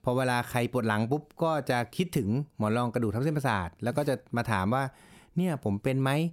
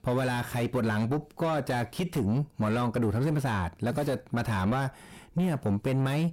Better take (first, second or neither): first